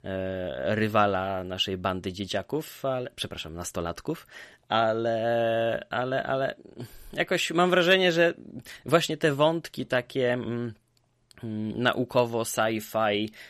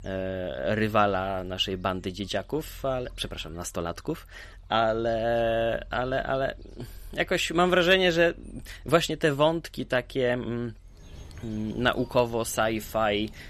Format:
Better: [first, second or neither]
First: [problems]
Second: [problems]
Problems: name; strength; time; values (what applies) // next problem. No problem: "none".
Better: first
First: none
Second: animal sounds; faint; throughout; 20 dB below the speech